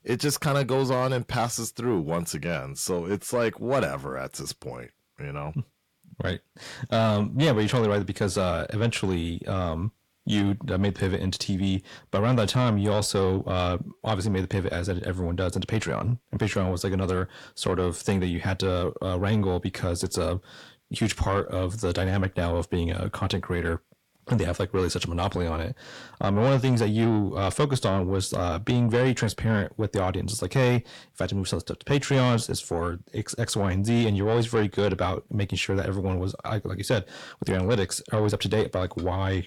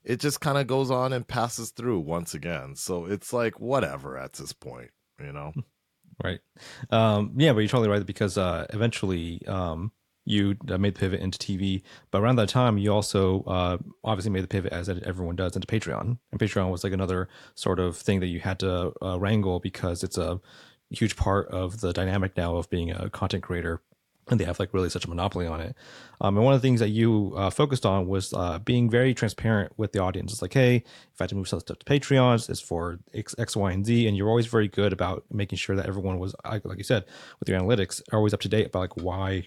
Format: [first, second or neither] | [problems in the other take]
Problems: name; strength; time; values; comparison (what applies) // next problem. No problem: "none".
second | distortion; slight; 9 dB below the speech